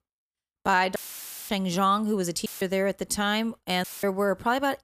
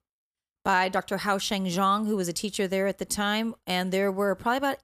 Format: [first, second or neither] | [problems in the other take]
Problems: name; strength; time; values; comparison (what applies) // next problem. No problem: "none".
second | audio cutting out; filled with static; at 1 s for 0.5 s, at 2.5 s and at 4 s